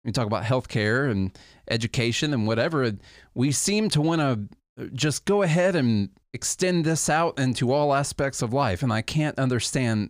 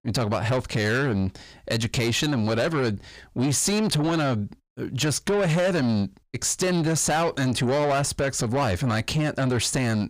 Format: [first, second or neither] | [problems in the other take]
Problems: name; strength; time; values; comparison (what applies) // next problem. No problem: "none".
first | distortion; slight; 10 dB below the speech